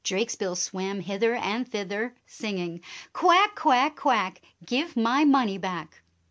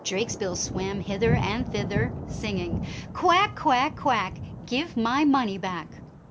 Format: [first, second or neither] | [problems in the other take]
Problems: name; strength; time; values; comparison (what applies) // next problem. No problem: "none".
first | background sound (Thunder); 7 dB below the speech